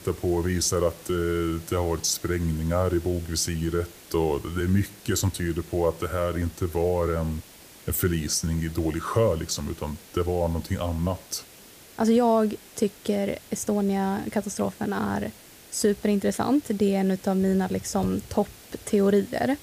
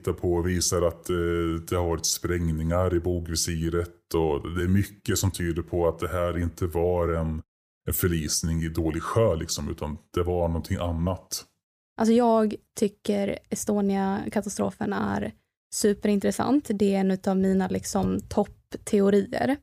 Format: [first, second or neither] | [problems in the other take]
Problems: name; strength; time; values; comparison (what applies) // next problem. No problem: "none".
second | hiss; faint; throughout; 20 dB below the speech